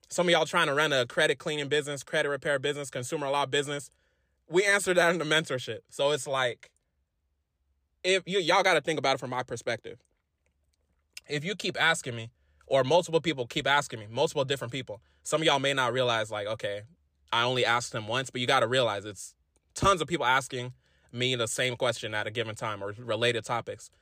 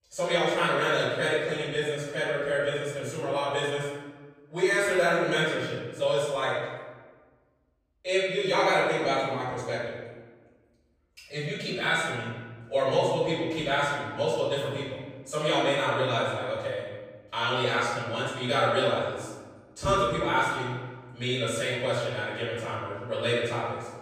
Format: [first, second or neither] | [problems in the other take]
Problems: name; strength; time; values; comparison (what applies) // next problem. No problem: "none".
first | off-mic speech; far // room echo; strong; dies away in 1.3 s